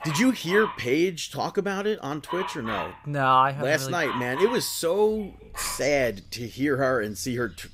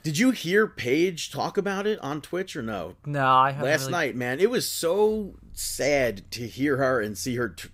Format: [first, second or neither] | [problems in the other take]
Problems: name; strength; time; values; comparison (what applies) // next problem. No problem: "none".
second | animal sounds; loud; throughout; 9 dB below the speech